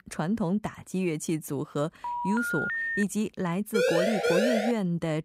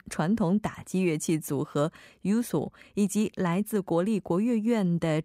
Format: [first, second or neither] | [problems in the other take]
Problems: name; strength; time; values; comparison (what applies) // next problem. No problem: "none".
second | phone ringing; loud; at 2 s; peak 1 dB above the speech // siren; loud; at 3.5 s; peak 5 dB above the speech